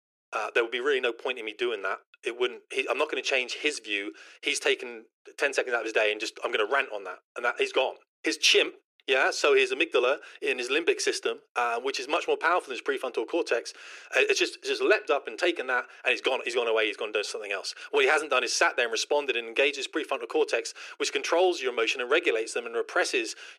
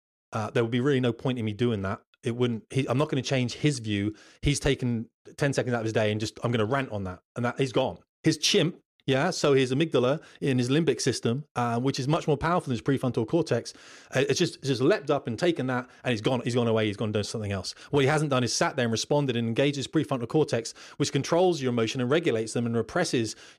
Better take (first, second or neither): second